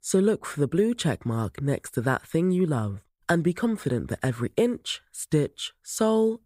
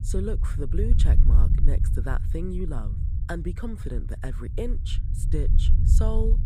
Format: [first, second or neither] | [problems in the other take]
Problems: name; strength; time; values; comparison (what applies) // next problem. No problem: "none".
first | low rumble; loud; throughout; 6 dB below the speech